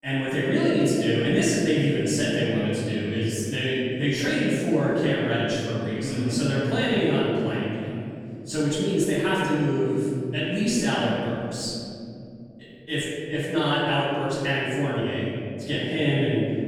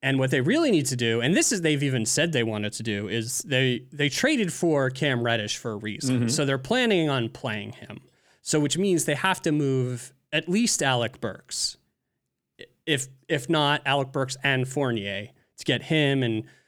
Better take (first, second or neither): second